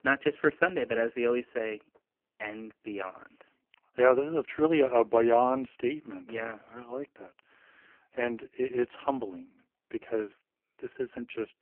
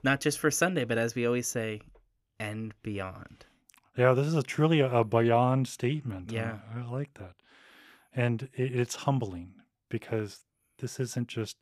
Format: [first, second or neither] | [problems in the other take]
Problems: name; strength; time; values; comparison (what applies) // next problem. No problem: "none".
second | phone-call audio; poor line